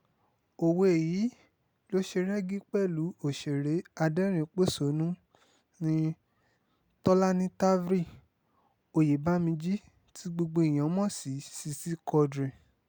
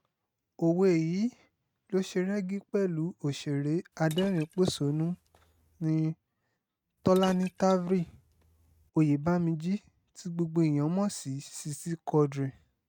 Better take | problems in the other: first | noise reduction (neural mask model RNNoise)

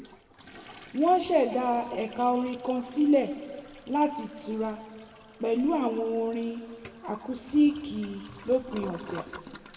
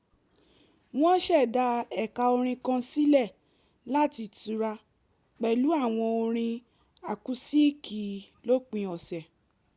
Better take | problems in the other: second | background sound (Toilet flush); 19 dB below the speech // room echo; dies away in 1.8 s

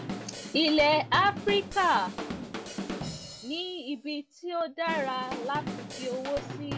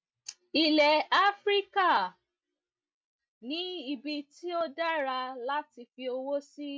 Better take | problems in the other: second | background sound (Drum / Drum kit); 9 dB below the speech

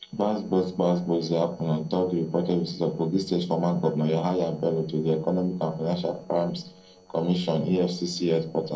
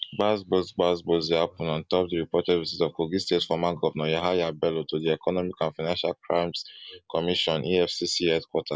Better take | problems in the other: second | noise reduction (neural separator model SepFormer DNS4)

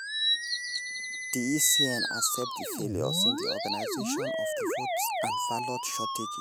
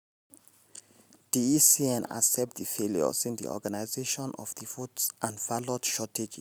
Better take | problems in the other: second | background sound (Musical instrument + Bird vocalization, bird call, bird song); 3 dB above the speech

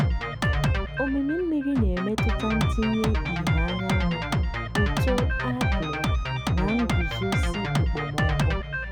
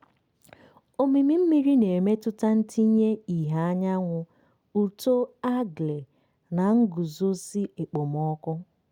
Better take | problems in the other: second | background sound (Drum kit); 5 dB above the speech

